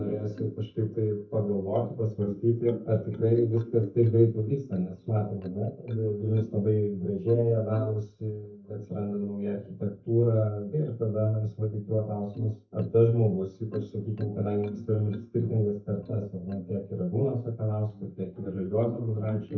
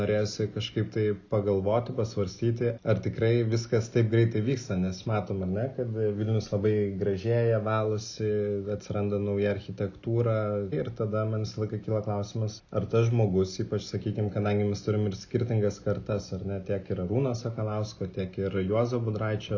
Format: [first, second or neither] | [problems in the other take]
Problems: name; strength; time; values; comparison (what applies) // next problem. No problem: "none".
second | noise reduction (neural mask model DeepFilterNet 3)